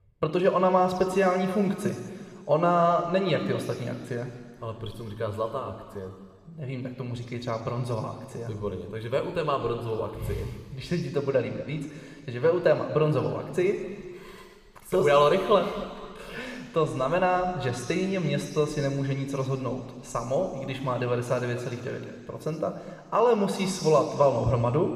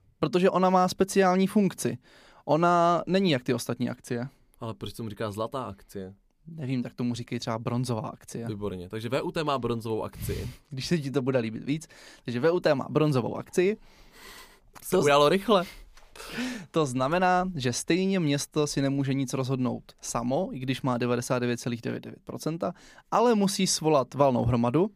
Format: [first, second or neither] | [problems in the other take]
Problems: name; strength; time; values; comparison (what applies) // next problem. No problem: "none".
second | room echo; noticeable; dies away in 2.2 s